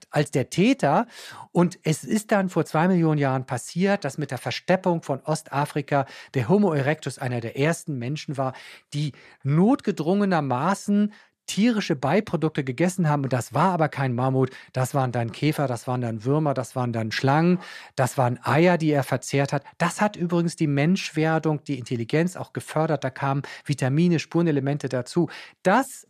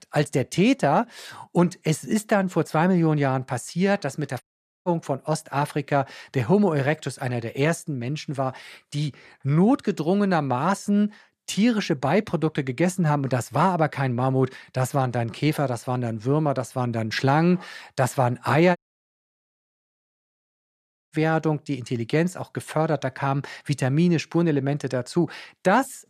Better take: first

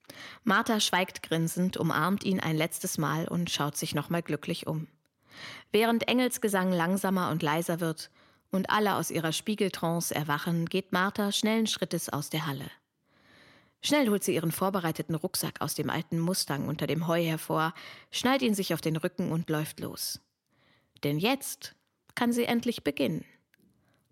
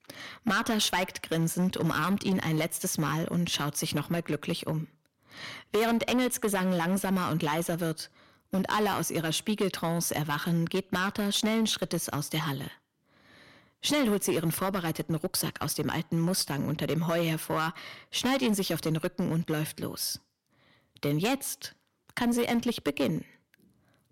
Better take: first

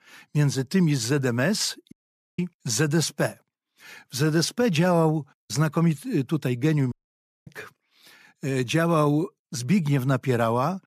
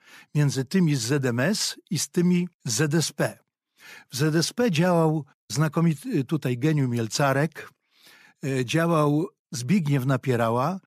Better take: second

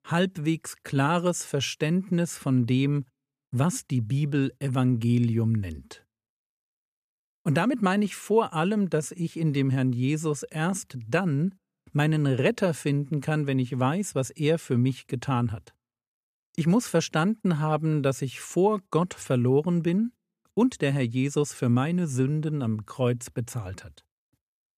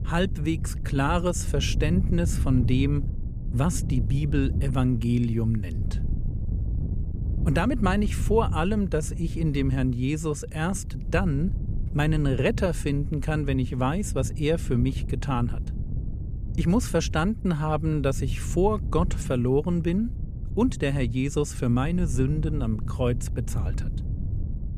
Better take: first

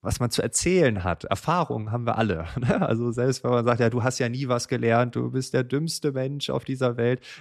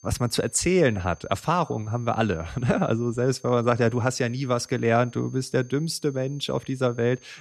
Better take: first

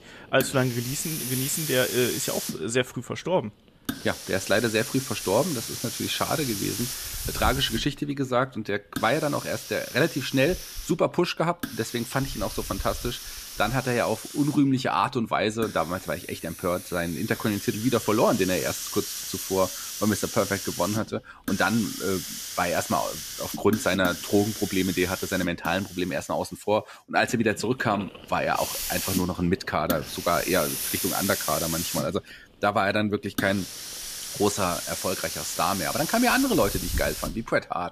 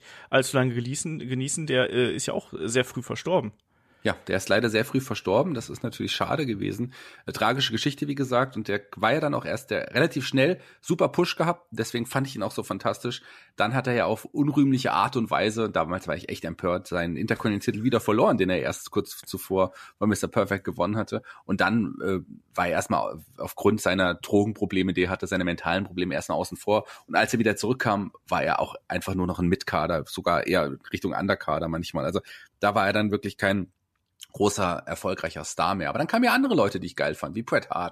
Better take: second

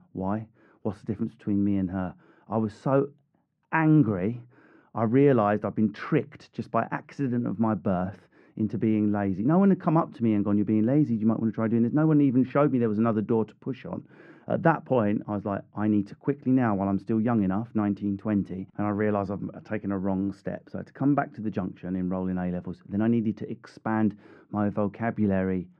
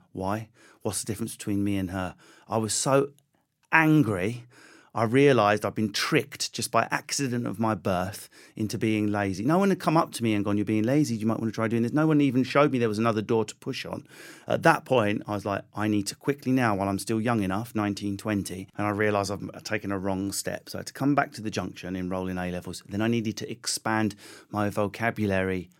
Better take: second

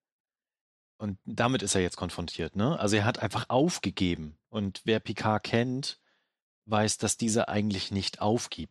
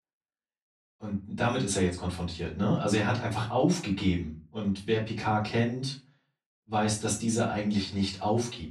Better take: first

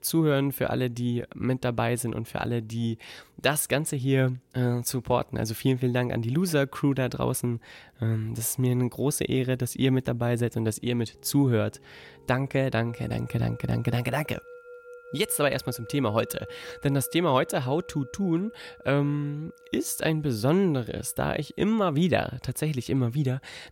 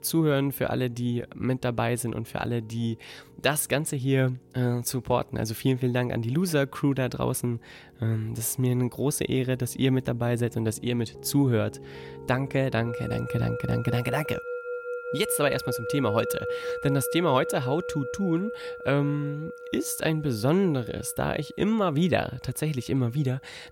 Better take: first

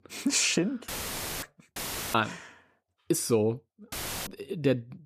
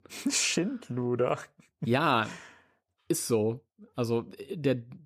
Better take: second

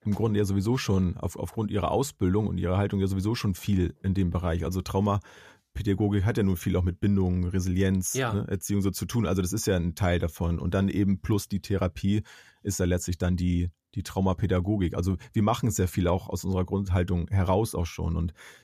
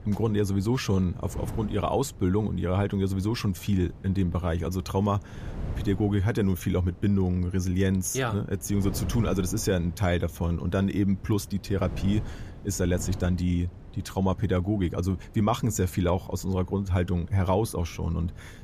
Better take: first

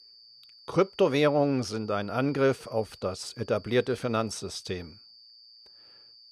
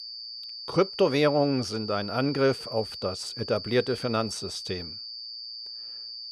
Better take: first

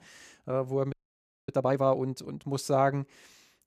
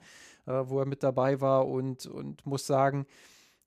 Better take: second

